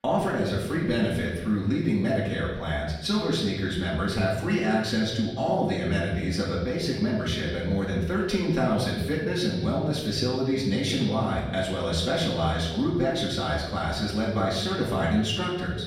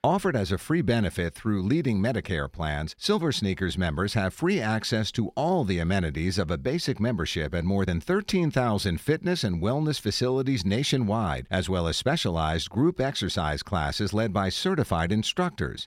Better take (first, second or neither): second